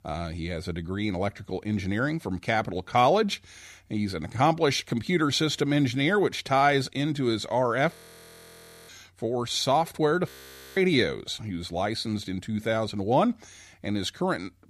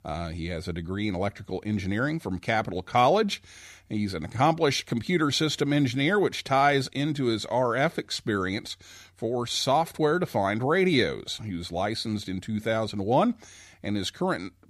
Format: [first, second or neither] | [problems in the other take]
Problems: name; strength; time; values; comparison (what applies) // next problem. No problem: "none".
second | audio freezing; at 8 s for 1 s and at 10 s